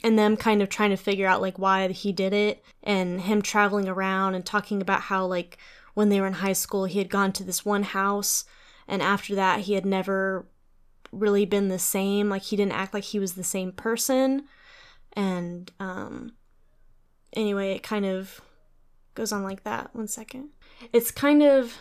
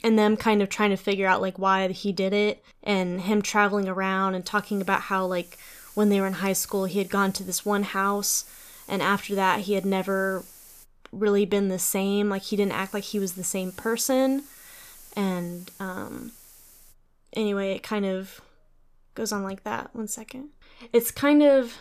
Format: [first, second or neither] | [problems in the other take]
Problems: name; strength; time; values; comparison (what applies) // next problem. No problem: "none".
first | hiss; faint; from 4.5 to 11 s and from 12 to 17 s; 20 dB below the speech